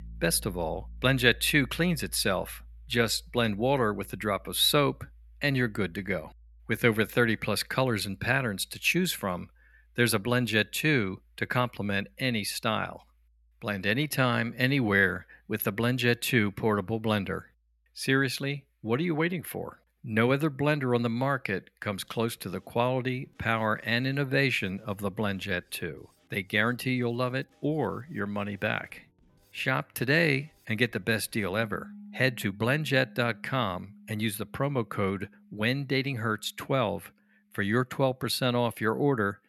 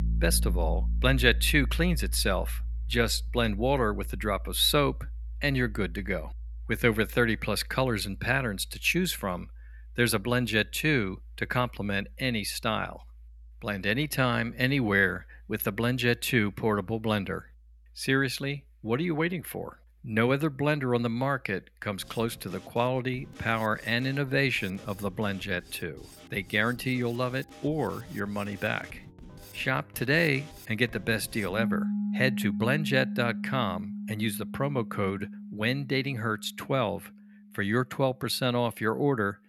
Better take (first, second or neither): first